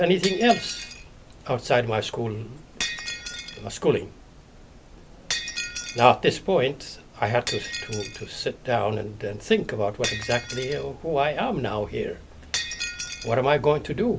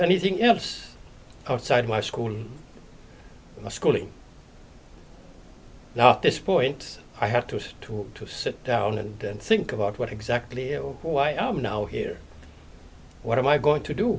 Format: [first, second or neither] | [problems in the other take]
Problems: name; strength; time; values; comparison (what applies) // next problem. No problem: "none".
second | background sound (Shatter); 11 dB below the speech